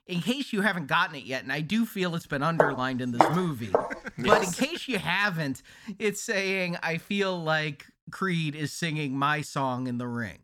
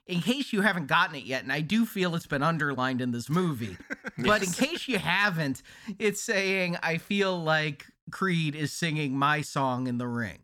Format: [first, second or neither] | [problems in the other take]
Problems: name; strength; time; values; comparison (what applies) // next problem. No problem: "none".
second | footsteps; loud; from 2.5 to 4.5 s; peak 4 dB above the speech